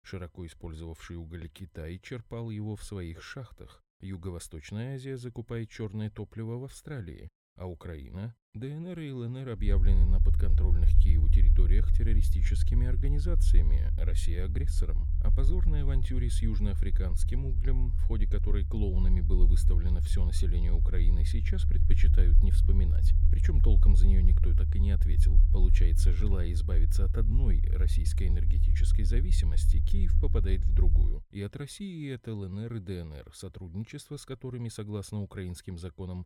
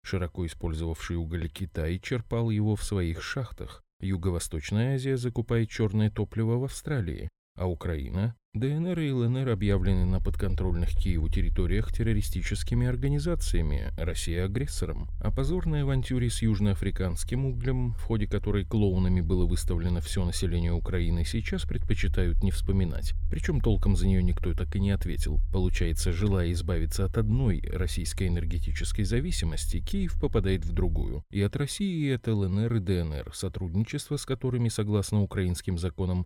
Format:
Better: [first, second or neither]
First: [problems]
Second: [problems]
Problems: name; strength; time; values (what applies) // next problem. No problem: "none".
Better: second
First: low rumble; loud; from 9.5 to 31 s; 4 dB below the speech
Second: low rumble; faint; from 9.5 to 31 s; 20 dB below the speech